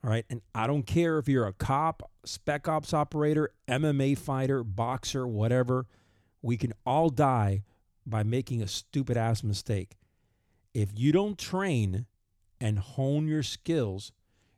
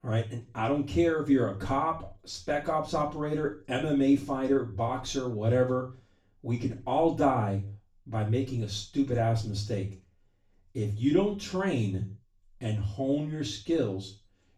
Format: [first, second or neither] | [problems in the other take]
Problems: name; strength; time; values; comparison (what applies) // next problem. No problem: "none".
first | room echo; slight; dies away in 0.3 s // off-mic speech; far